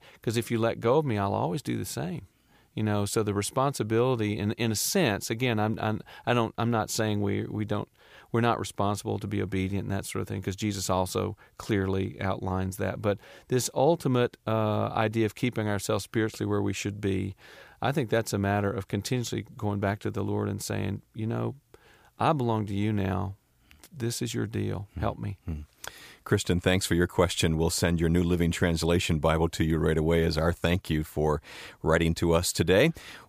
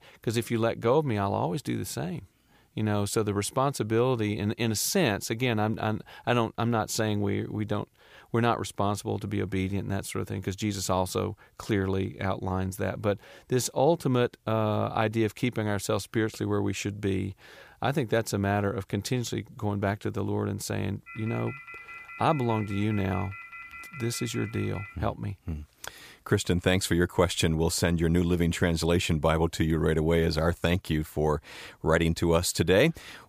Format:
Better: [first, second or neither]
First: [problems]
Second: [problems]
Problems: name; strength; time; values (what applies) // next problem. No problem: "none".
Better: first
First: none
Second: phone ringing; faint; from 21 to 25 s; peak 15 dB below the speech